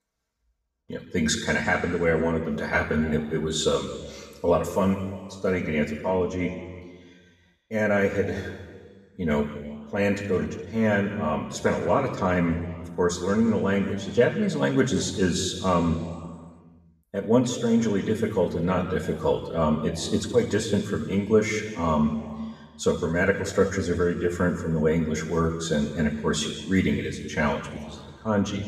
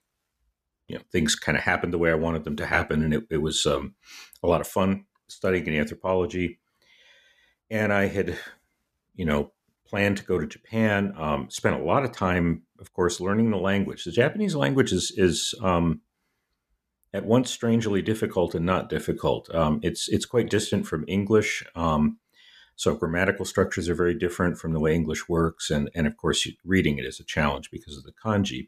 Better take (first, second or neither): second